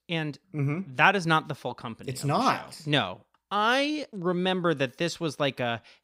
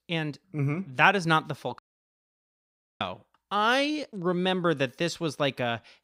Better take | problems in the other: first | audio cutting out; at 2 s for 1 s

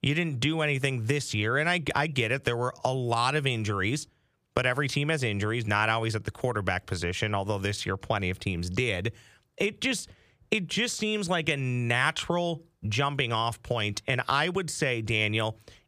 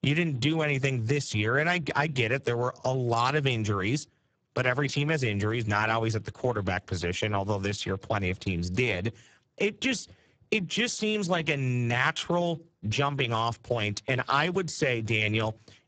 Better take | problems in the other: first | garbled, watery; badly; nothing above 7.5 kHz

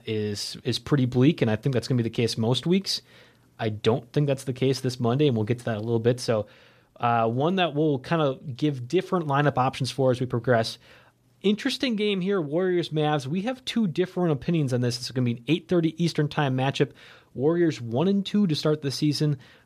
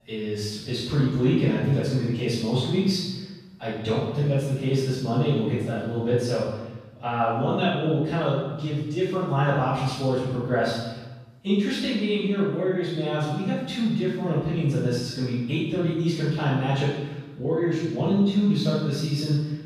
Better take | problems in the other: first | room echo; strong; dies away in 1 s // off-mic speech; far

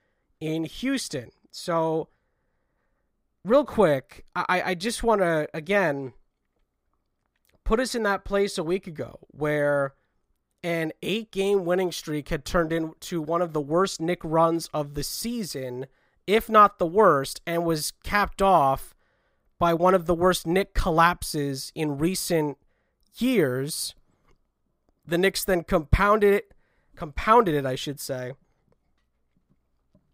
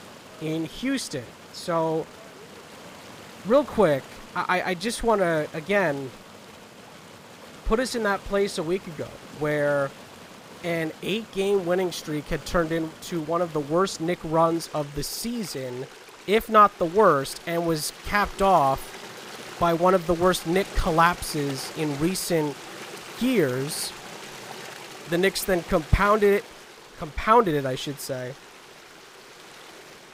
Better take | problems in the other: first | rain or running water; noticeable; throughout; 15 dB below the speech

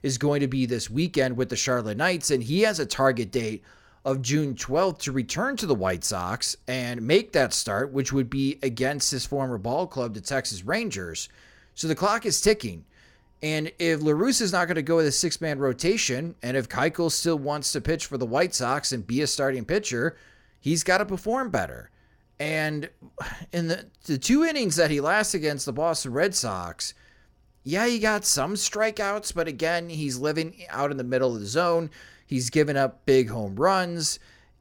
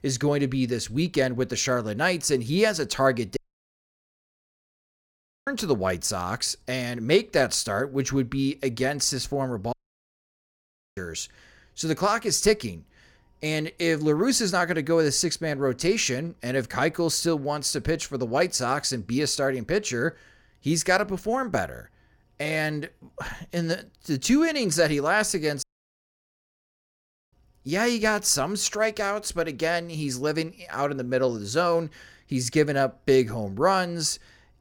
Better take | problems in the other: first | audio cutting out; at 3.5 s for 2 s, at 9.5 s for 1 s and at 26 s for 1.5 s

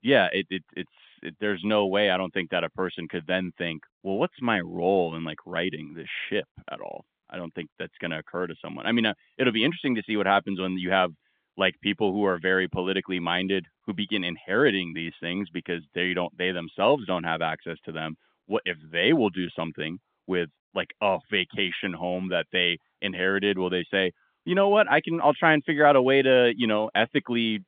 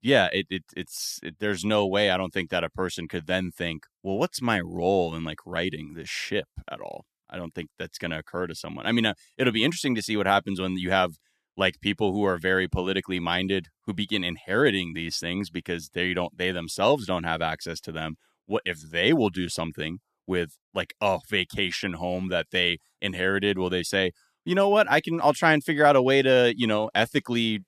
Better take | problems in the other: second | phone-call audio; nothing above 3.5 kHz

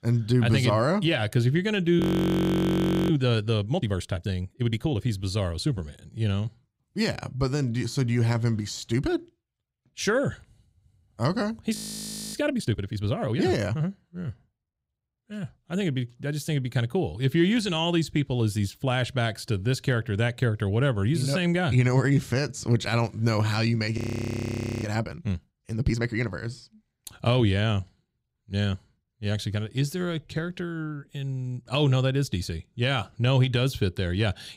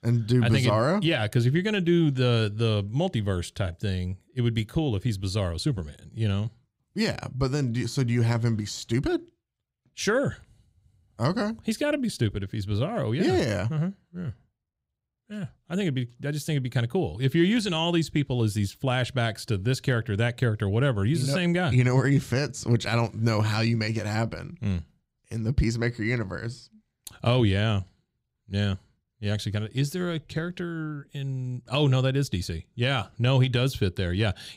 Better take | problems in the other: second | audio freezing; at 2 s for 1 s, at 12 s for 0.5 s and at 24 s for 1 s

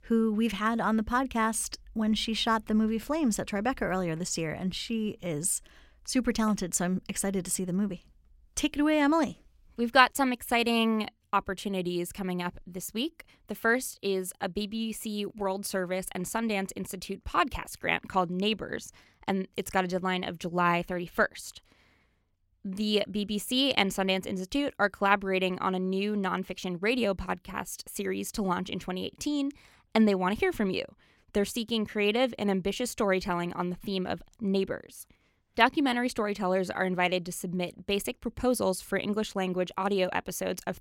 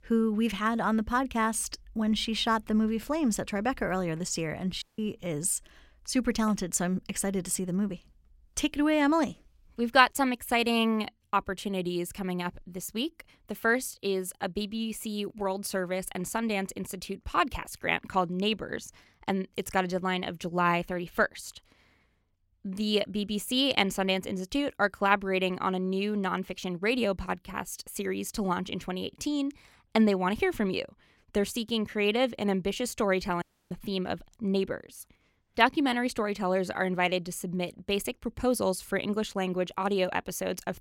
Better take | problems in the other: first | audio cutting out; at 5 s and at 33 s

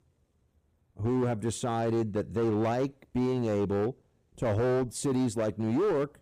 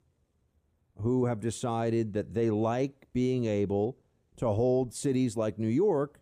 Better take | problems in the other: second | distortion; slight; 14% of the sound clipped

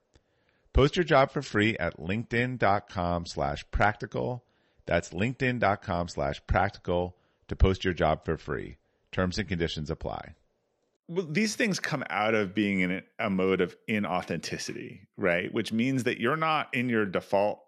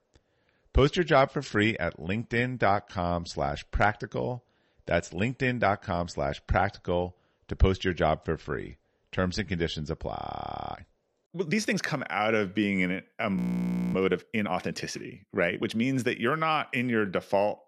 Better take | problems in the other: first | audio freezing; at 10 s for 0.5 s and at 13 s for 0.5 s

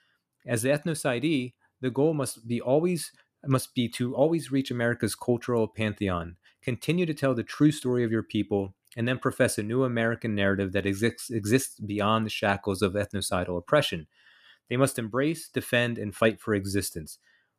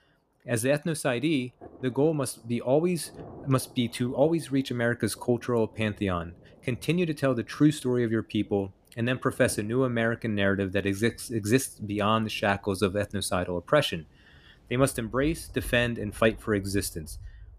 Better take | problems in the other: first | rain or running water; faint; throughout; 25 dB below the speech

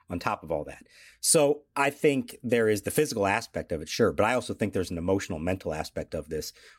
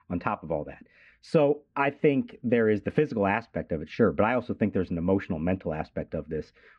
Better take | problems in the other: first | muffled; very; fading above 2.5 kHz

